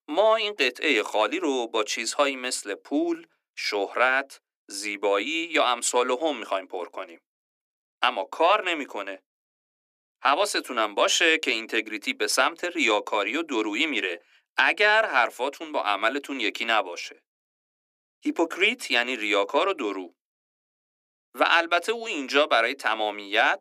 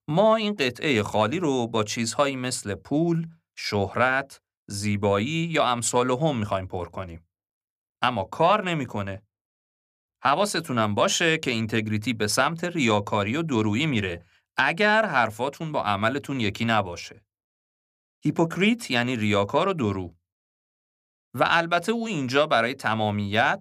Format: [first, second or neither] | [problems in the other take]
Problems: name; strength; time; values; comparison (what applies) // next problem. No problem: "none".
second | thin; somewhat; fading below 300 Hz